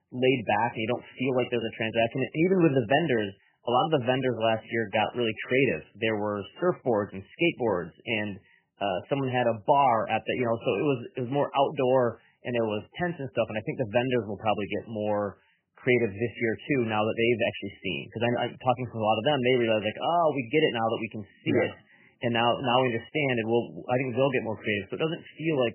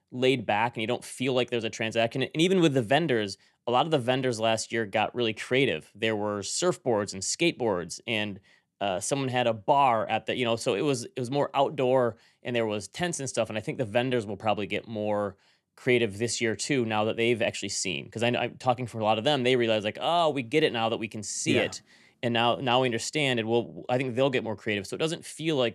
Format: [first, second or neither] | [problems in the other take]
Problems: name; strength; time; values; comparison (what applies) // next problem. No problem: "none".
second | garbled, watery; badly; nothing above 3 kHz